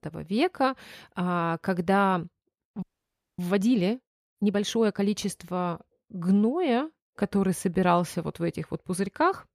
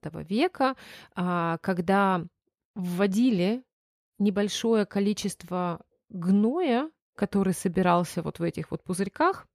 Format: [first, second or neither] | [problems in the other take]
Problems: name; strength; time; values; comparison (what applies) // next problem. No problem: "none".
second | audio freezing; at 3 s for 0.5 s